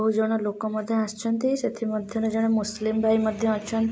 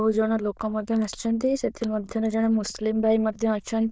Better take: first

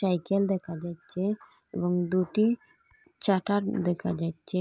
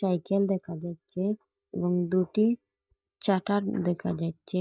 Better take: first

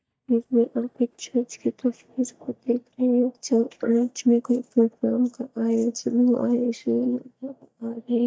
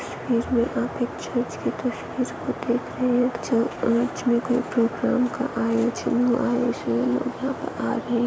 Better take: second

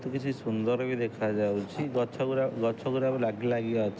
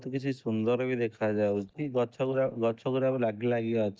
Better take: first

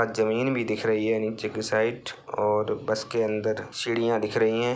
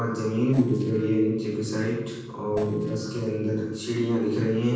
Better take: first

